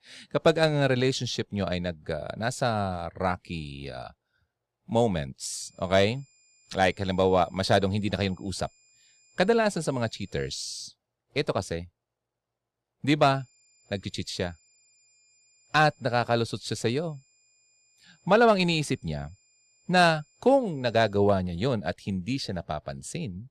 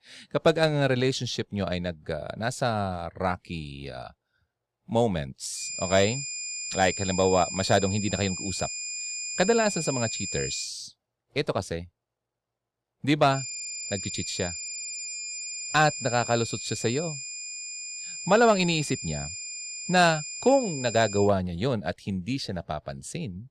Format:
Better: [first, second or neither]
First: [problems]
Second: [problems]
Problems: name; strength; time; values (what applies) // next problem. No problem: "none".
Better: first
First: high-pitched whine; faint; from 5.5 to 11 s and from 13 to 21 s; 7.5 kHz, 35 dB below the speech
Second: high-pitched whine; loud; from 5.5 to 11 s and from 13 to 21 s; 7.5 kHz, 6 dB below the speech